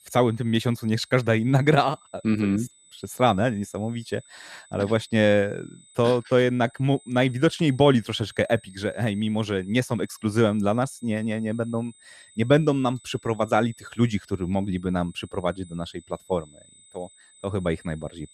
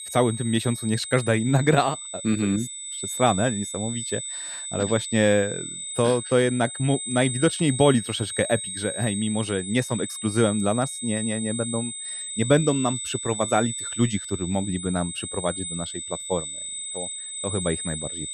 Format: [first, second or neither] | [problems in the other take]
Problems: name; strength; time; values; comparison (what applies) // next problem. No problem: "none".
first | high-pitched whine; loud; throughout; 8 kHz, 6 dB below the speech; faint in the first